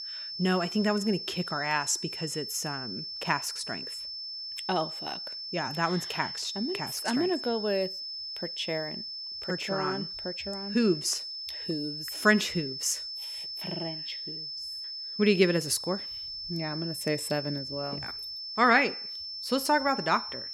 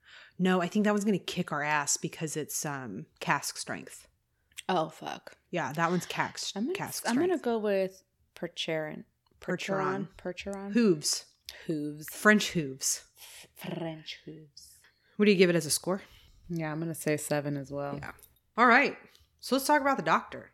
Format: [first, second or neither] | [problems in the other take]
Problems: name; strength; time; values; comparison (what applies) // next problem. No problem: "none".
second | high-pitched whine; loud; throughout; 5.5 kHz, 6 dB below the speech